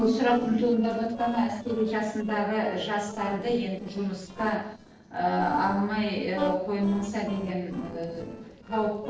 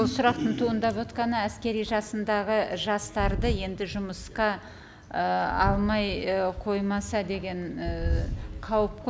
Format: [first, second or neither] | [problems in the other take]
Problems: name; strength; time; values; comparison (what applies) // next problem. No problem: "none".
second | noise reduction (neural separator model SepFormer DNS4)